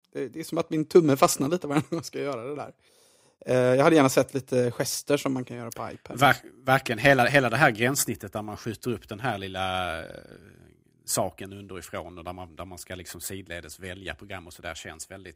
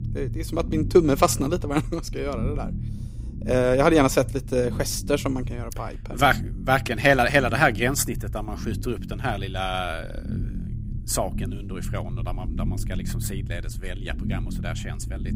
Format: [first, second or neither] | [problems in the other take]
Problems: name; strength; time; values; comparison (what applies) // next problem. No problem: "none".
first | low rumble; faint; throughout; 20 dB below the speech